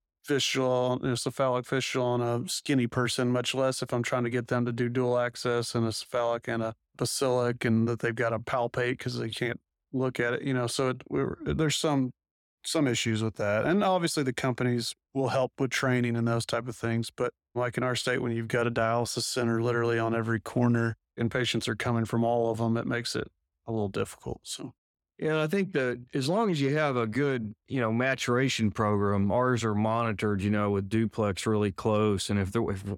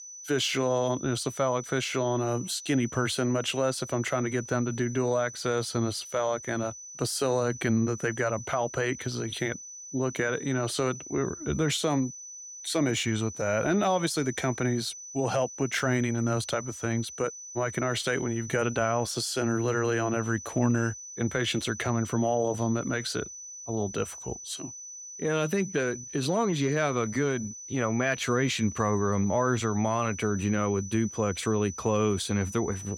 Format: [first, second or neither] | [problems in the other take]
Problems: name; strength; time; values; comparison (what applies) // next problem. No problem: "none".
first | high-pitched whine; noticeable; throughout; 6 kHz, 10 dB below the speech